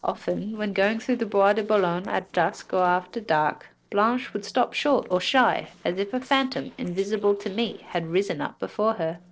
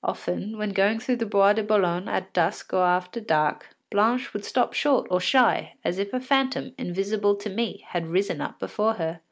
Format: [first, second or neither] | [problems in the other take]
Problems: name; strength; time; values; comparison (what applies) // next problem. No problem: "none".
second | noise reduction (neural separator model SepFormer DNS4)